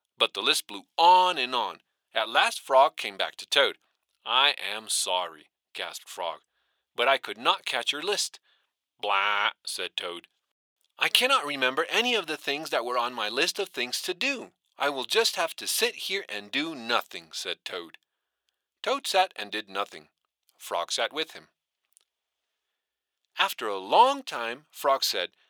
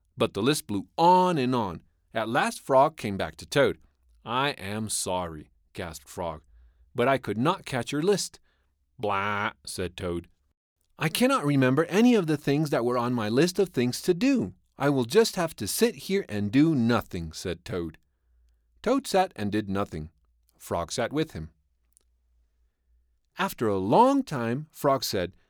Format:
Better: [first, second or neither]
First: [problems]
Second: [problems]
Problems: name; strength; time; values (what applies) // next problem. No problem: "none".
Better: second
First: thin; very; fading below 700 Hz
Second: none